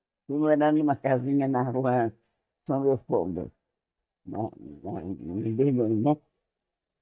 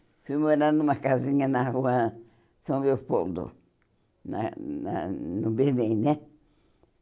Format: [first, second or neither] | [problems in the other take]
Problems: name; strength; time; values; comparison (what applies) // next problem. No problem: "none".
second | noise reduction (neural mask model DeepFilterNet 3)